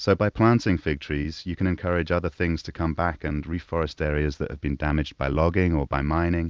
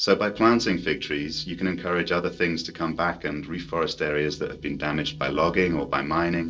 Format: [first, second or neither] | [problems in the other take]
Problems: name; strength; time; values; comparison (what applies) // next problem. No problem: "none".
first | noise reduction (neural separator model SepFormer DNS4)